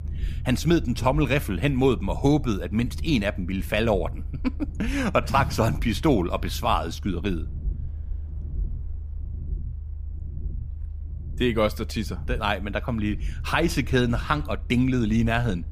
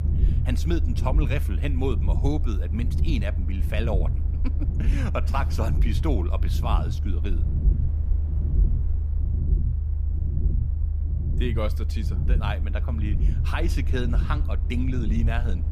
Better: first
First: low rumble; faint; throughout; 25 dB below the speech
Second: low rumble; loud; throughout; 8 dB below the speech

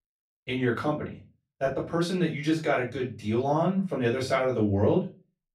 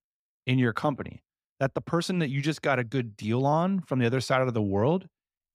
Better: second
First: off-mic speech; far // room echo; slight; dies away in 0.2 s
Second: none

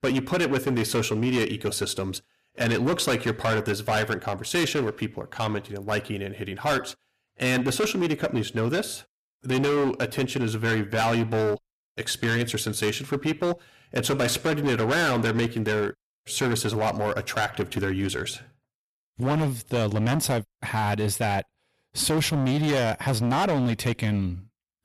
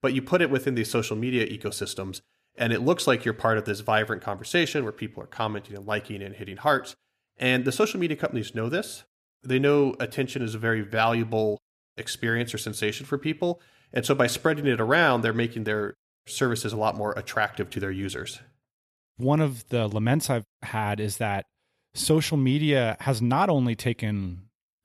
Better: second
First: distortion; heavy; 16% of the sound clipped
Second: none

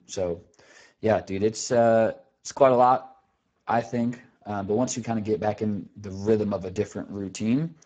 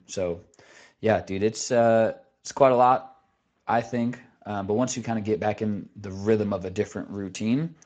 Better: second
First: garbled, watery; badly; nothing above 7.5 kHz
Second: garbled, watery; slightly; nothing above 7.5 kHz

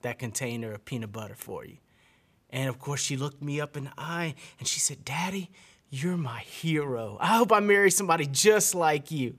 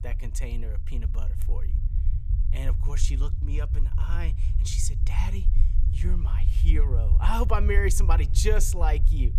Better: first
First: none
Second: low rumble; noticeable; throughout; 10 dB below the speech

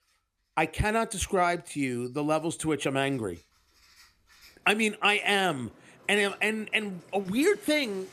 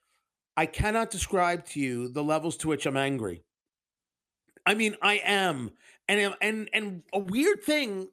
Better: second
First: household noises; faint; throughout; 30 dB below the speech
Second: none

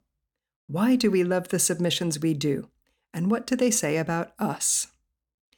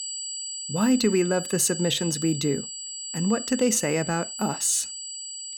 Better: first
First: none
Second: high-pitched whine; loud; throughout; 8 kHz, 8 dB below the speech

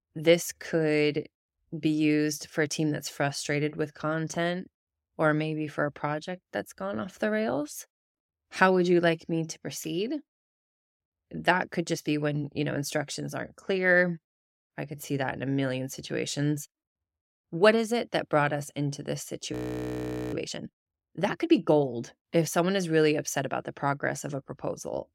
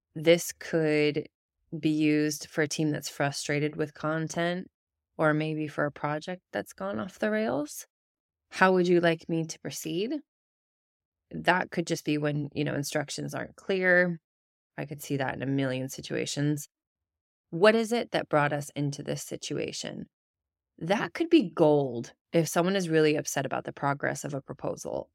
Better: second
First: audio freezing; at 20 s for 1 s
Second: none

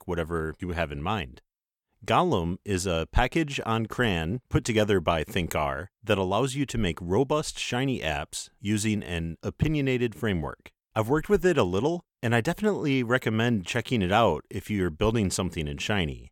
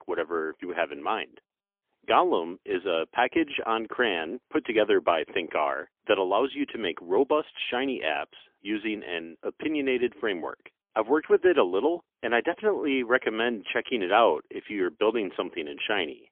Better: first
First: none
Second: phone-call audio; poor line; nothing above 3.5 kHz

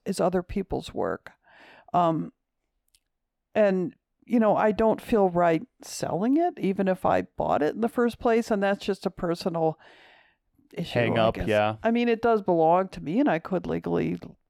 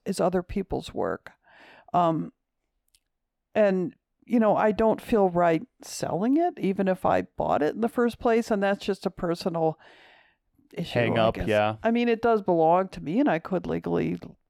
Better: neither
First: muffled; slightly; fading above 4 kHz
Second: muffled; slightly; fading above 4 kHz

